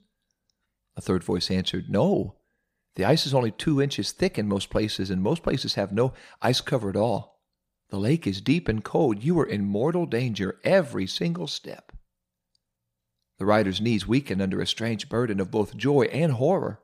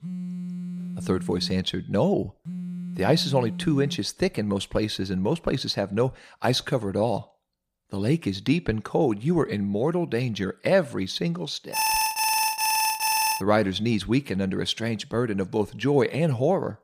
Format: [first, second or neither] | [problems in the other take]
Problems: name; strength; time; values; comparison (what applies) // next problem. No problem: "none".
first | phone ringing; noticeable; until 4 s; peak 8 dB below the speech // alarm; loud; from 12 to 13 s; peak 3 dB above the speech